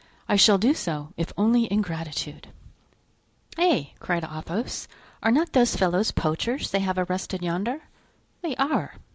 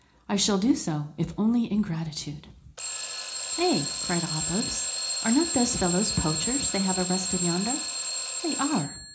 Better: first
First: none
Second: background sound (Alarm / Clock); 3 dB below the speech // room echo; dies away in 0.4 s

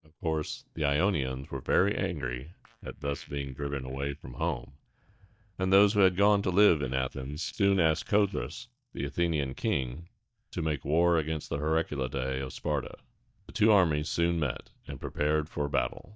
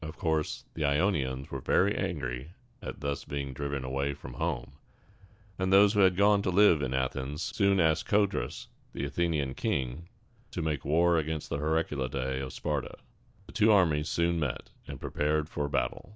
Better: second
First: noise reduction (neural mask model DeepFilterNet 3)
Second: none

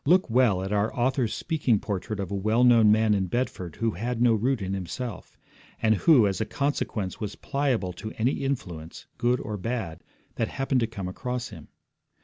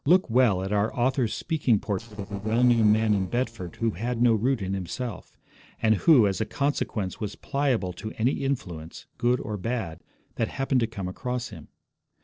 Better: first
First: none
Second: noise reduction (neural separator model SepFormer DNS4)

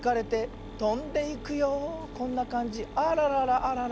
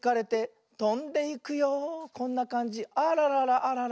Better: second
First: background sound (Mechanisms); 13 dB below the speech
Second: none

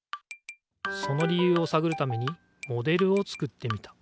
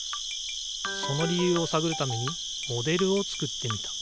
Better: first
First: none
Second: background sound (Cricket); 5 dB below the speech

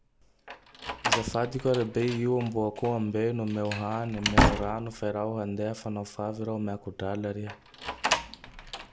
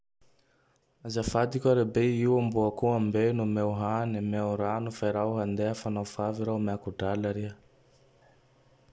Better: second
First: background sound (Slam); 2 dB below the speech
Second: none

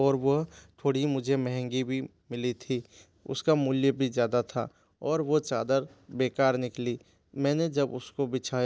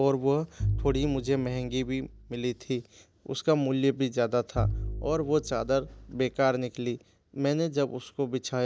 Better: first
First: none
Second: background sound (Bowed string instrument); 8 dB below the speech

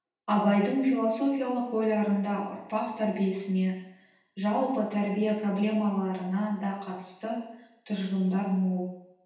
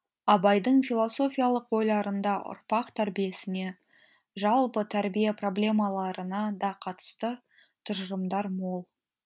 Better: second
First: room echo; dies away in 0.9 s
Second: none

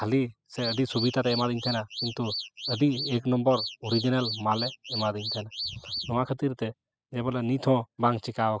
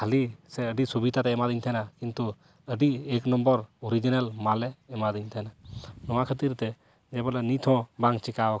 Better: second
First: noise reduction (classical method spectral subtraction)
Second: none

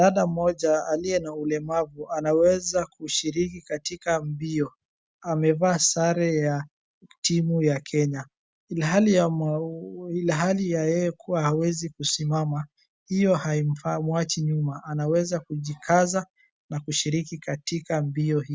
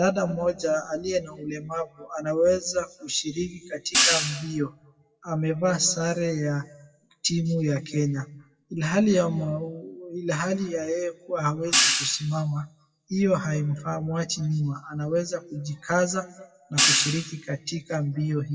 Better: first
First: none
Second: noise reduction (classical method WPE with log-MMSE)

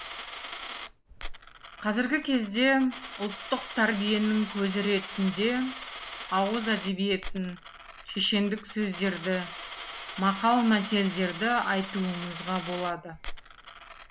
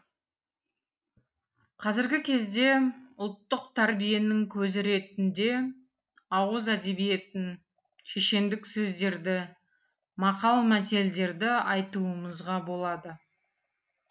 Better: second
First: background sound (Coin (dropping)); 11 dB below the speech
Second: none

